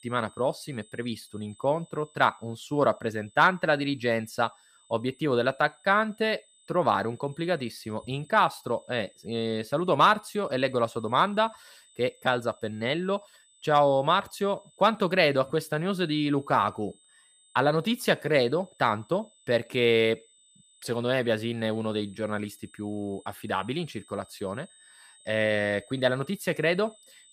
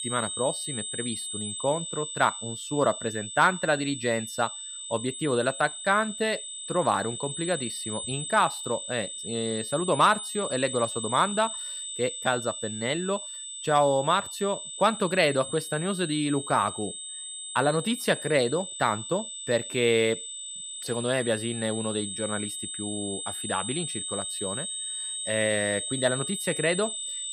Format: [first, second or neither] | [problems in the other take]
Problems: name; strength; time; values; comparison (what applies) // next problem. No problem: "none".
first | high-pitched whine; loud; throughout; 8 kHz, 6 dB below the speech; faint in the first